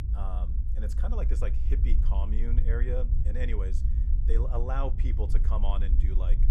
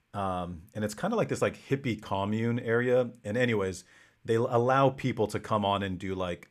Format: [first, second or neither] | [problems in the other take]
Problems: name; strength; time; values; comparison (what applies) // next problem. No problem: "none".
second | low rumble; loud; throughout; 8 dB below the speech